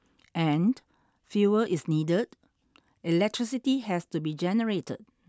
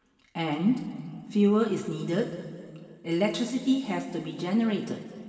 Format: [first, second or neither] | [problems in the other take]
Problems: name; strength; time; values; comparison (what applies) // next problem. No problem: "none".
first | room echo; dies away in 2.2 s